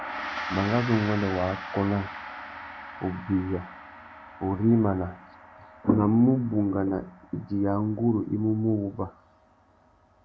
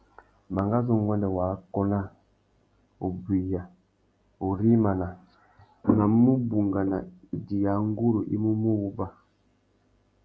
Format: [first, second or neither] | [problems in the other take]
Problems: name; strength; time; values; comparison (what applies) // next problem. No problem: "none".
second | background sound (Gong); 13 dB below the speech